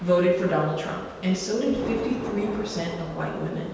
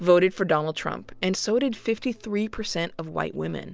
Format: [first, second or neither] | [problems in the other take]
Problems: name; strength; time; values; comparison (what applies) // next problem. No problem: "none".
second | background sound (Thunder / Rain); 12 dB below the speech // room echo; dies away in 1.2 s